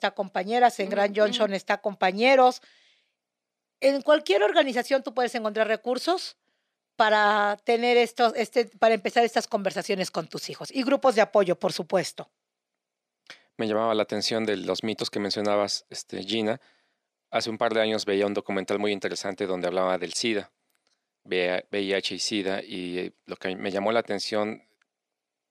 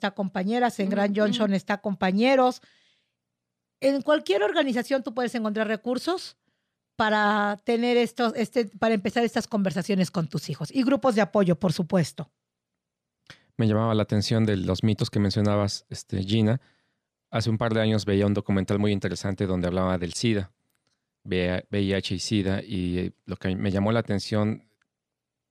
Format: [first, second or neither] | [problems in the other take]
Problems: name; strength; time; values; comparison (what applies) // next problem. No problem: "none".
second | thin; somewhat; fading below 400 Hz